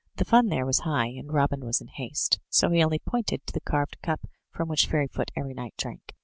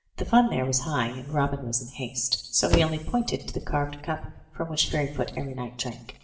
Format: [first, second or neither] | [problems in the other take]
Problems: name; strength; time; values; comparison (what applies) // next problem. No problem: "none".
first | background sound (Slam); 5 dB below the speech // room echo; dies away in 1.1 s